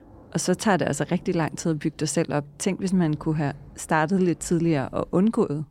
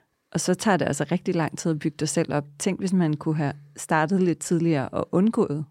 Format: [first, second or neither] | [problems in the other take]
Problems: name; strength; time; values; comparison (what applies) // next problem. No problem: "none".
second | rain or running water; faint; throughout; 25 dB below the speech